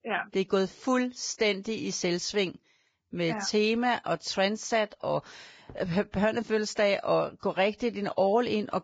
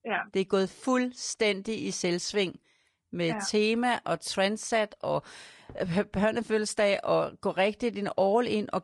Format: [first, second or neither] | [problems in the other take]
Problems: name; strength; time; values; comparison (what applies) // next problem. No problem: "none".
second | garbled, watery; badly; slightly in the second